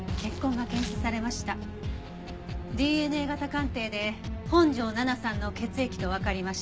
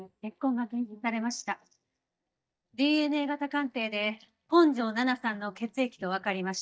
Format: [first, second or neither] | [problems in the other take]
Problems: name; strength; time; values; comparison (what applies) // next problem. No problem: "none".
first | noise reduction (neural mask model DeepFilterNet 3)